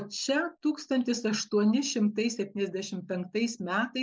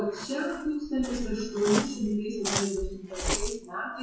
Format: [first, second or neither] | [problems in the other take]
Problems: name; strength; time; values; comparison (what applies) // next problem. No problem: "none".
first | noise reduction (classical method WPE with log-MMSE)